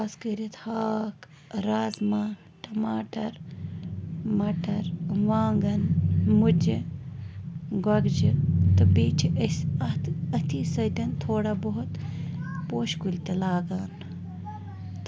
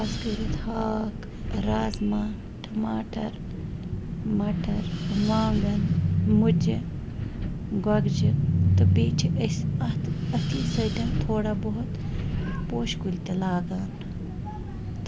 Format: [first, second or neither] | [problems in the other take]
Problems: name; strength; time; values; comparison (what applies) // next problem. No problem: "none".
first | background sound (Wind); 7 dB below the speech